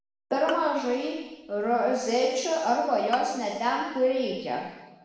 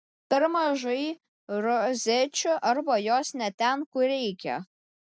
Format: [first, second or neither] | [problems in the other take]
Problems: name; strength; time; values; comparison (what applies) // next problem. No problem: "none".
second | background sound (Bowed string instrument); 18 dB below the speech // room echo; dies away in 1.1 s